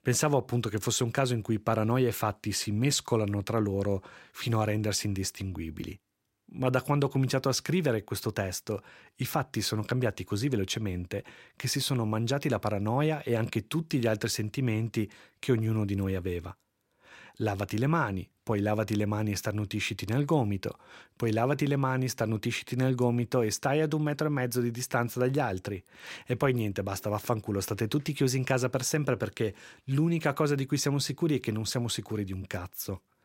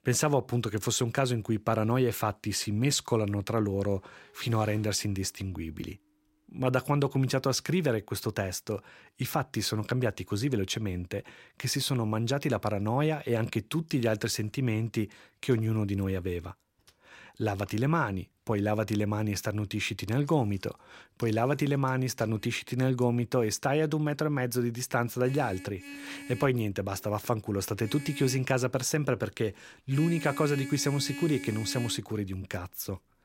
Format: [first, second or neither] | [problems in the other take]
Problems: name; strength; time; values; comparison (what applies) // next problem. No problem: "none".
first | traffic noise; noticeable; throughout; 15 dB below the speech